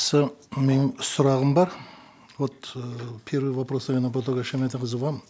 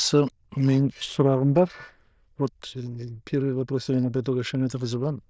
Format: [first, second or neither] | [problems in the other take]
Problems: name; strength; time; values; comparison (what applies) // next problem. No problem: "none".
first | noise reduction (neural diffusion model UNIVERSE++)